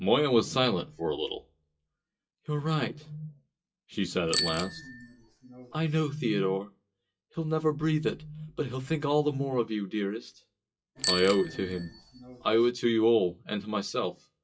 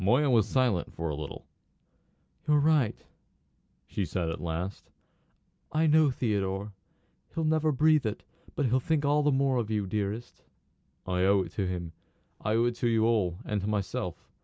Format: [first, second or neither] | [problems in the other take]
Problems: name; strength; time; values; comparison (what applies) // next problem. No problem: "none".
second | noise reduction (classical method WPE with log-MMSE)